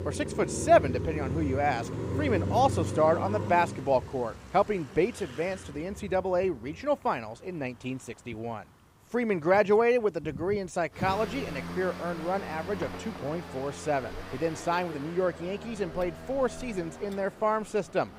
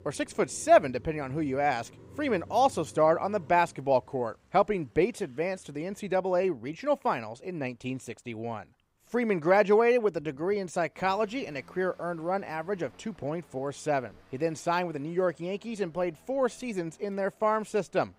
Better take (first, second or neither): second